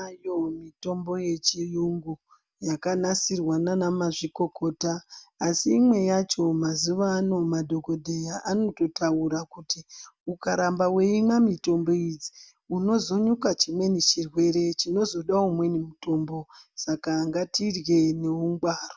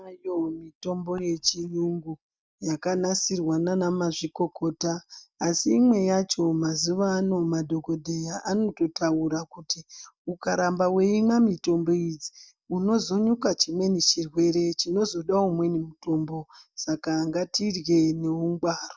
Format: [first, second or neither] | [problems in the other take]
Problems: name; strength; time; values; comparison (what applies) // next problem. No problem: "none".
first | noise reduction (neural mask model DeepFilterNet 3)